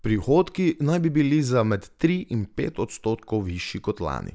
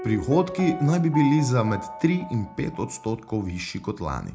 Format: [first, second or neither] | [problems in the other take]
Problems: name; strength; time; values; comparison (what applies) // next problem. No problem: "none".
first | background sound (Piano); 12 dB below the speech // room echo; dies away in 0.3 s